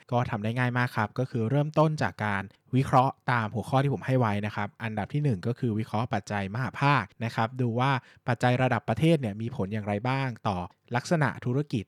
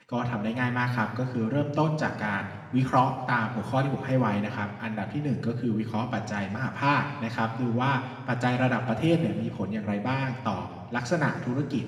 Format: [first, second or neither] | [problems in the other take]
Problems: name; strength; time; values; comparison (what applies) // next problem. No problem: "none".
first | room echo; noticeable; dies away in 2.2 s // off-mic speech; far